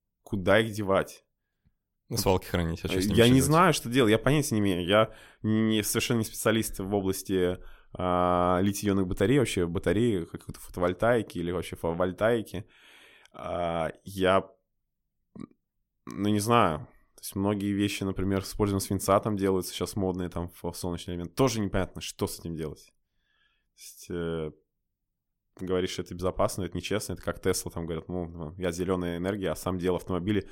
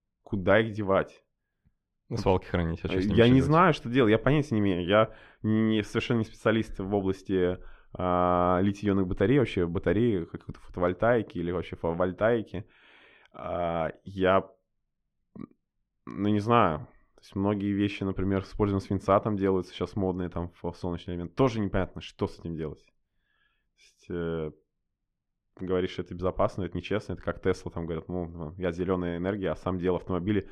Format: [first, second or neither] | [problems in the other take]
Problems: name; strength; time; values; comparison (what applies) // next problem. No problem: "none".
first | muffled; slightly; fading above 2.5 kHz